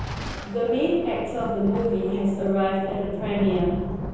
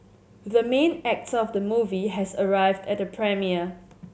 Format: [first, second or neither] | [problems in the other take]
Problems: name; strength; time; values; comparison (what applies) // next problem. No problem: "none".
second | background sound (Thunder); 8 dB below the speech // room echo; dies away in 1.3 s